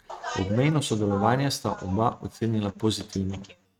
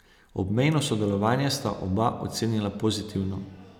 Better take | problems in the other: second | noise reduction (neural mask model RNNoise)

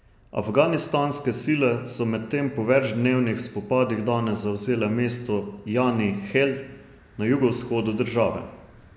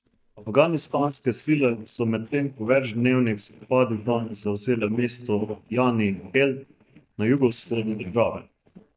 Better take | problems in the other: first | noise reduction (neural mask model DeepFilterNet 3)

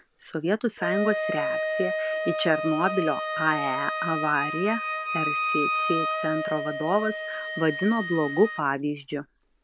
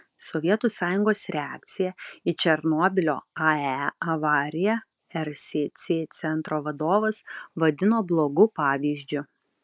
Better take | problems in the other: second | background sound (Wind instrument, woodwind instrument); 2 dB below the speech

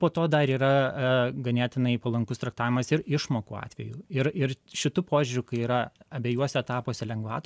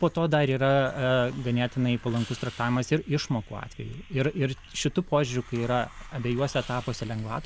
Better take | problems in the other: first | background sound (Hiss); 18 dB below the speech

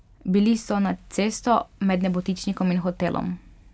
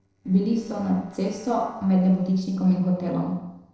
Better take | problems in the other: first | noise reduction (neural separator model SepFormer DNS4)

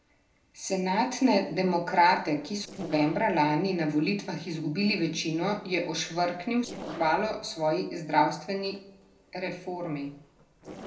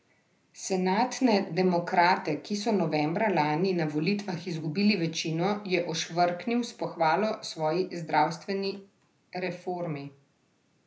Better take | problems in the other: second | noise reduction (neural separator model SepFormer DNS4)

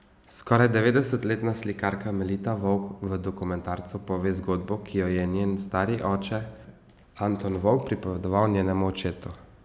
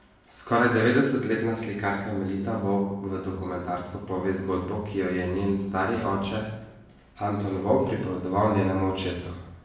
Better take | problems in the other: first | room echo; dies away in 0.7 s

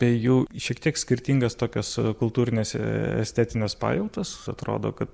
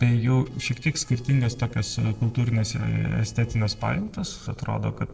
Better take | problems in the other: first | noise reduction (neural separator model SepFormer DNS4)

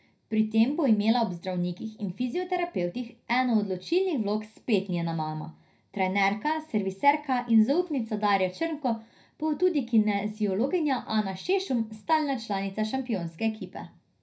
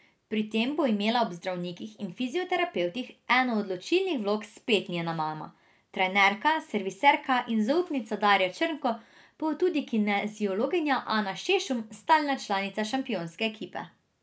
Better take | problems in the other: second | room echo; dies away in 0.4 s

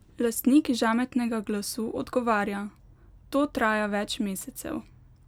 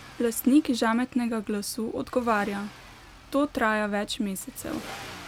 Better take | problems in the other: first | background sound (Accelerating, revving, vroom); 19 dB below the speech

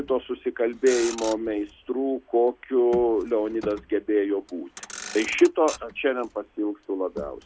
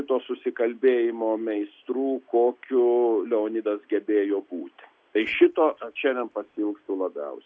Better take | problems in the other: second | background sound (Motor vehicle (road)); 17 dB below the speech

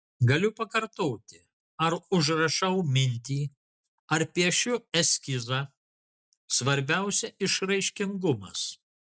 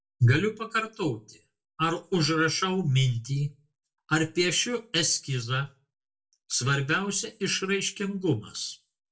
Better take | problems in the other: first | room echo; dies away in 0.2 s

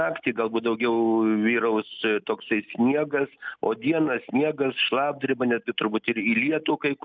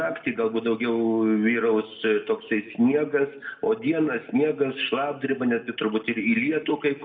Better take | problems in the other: first | room echo; dies away in 0.8 s

